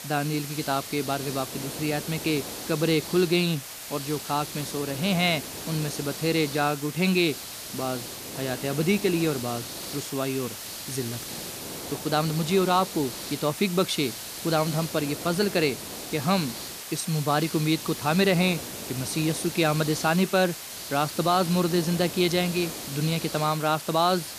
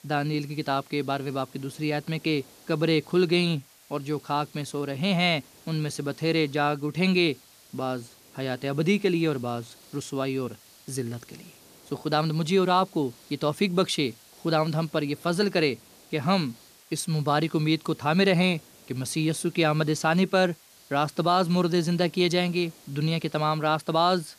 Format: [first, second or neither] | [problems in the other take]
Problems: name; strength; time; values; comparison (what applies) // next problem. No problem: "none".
second | hiss; loud; throughout; 8 dB below the speech; faint in the second